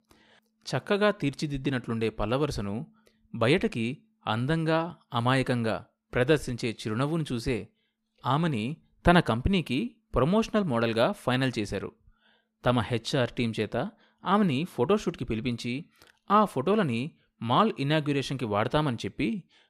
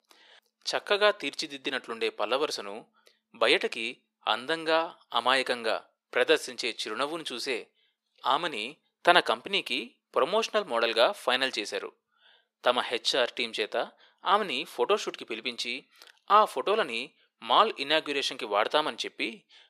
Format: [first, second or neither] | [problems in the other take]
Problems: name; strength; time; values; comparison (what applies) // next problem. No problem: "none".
first | thin; very; fading below 450 Hz